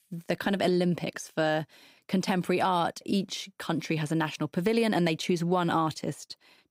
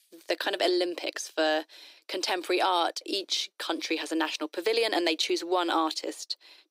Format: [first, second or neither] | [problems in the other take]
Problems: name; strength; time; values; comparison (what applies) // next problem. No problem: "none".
first | thin; very; fading below 300 Hz